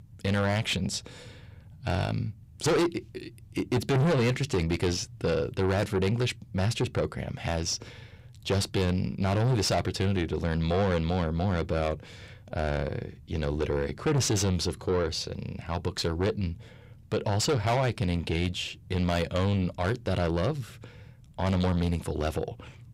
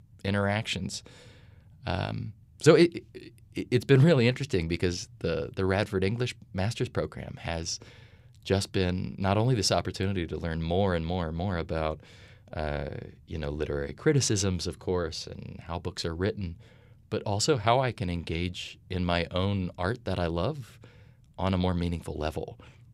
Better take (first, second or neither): second